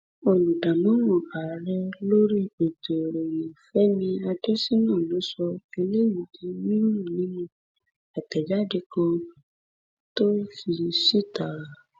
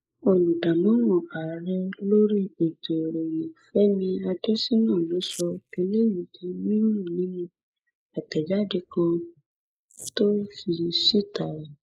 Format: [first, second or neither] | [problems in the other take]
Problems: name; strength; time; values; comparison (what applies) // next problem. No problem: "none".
first | noise reduction (neural mask model Resemble Enhance denoiser)